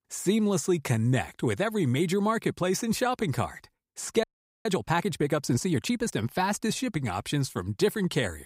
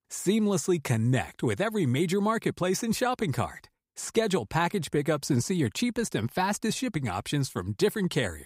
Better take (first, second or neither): second